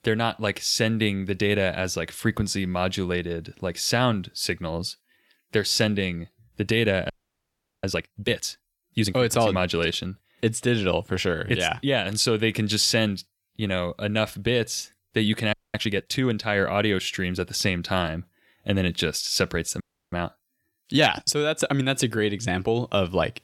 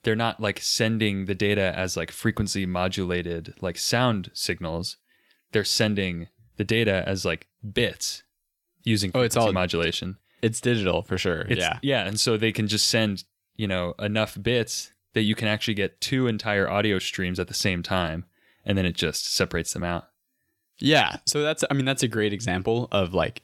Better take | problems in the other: second | audio freezing; at 7 s for 0.5 s, at 16 s and at 20 s

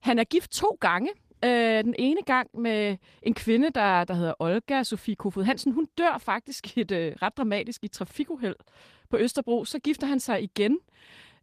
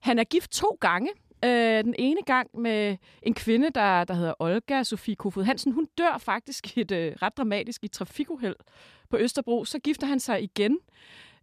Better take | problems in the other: second | garbled, watery; slightly; nothing above 14.5 kHz

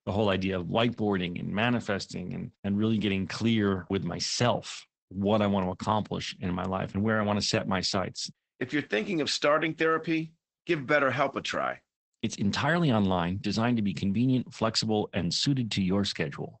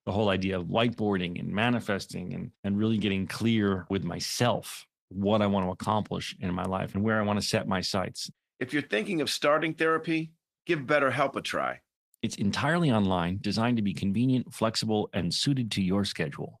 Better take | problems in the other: second | garbled, watery; badly; nothing above 8 kHz; slightly in the second

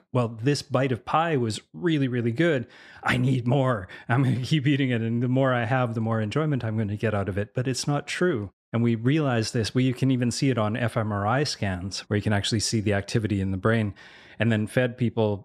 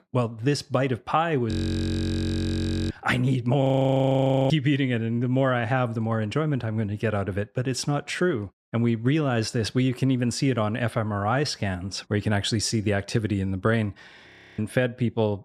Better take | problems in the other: first | audio freezing; at 1.5 s for 1.5 s, at 3.5 s for 1 s and at 14 s

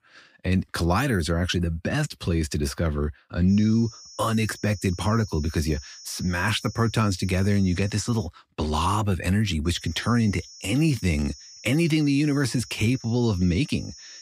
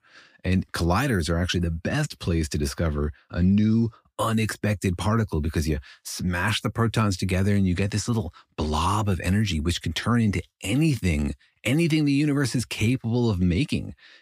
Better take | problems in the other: second | high-pitched whine; noticeable; from 3.5 to 8.5 s and from 9.5 s on; 5.5 kHz, 15 dB below the speech

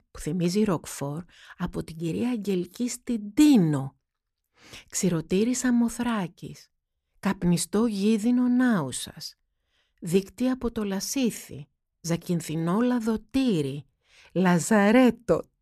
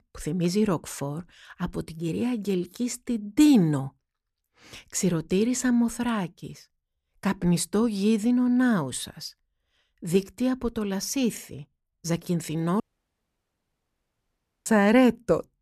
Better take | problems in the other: first | audio cutting out; at 13 s for 2 s

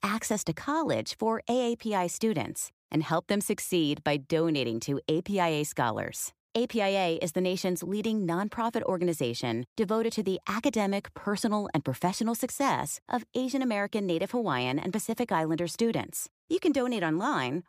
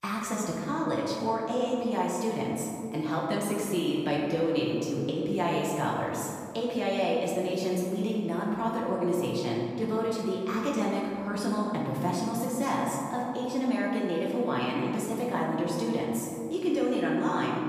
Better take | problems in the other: first | room echo; noticeable; dies away in 2.2 s // off-mic speech; far

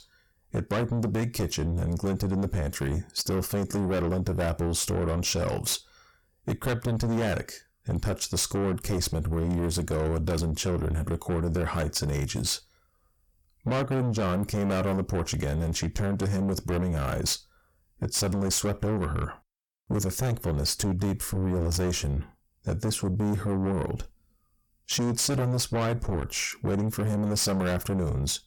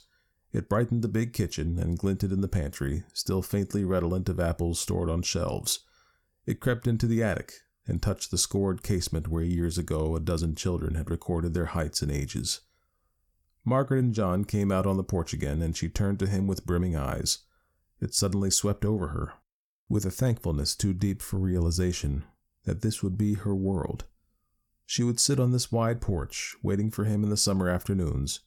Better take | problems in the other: second | distortion; heavy; 6 dB below the speech

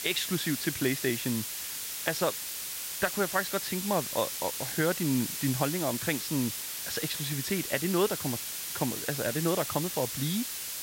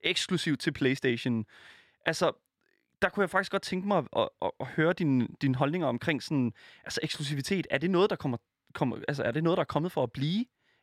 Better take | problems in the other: second | hiss; loud; throughout; 2 dB below the speech

